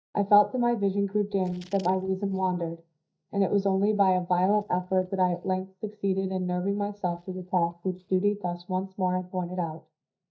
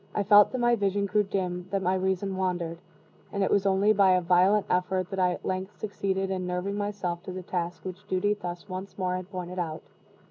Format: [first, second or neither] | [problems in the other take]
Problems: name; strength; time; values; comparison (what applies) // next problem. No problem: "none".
second | noise reduction (neural mask model DeepFilterNet 3)